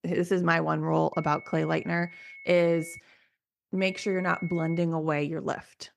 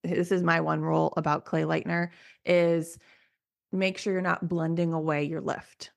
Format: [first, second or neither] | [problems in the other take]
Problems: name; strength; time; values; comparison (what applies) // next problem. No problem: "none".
second | high-pitched whine; noticeable; from 1 to 3 s and from 4 to 5 s; 2 kHz, 15 dB below the speech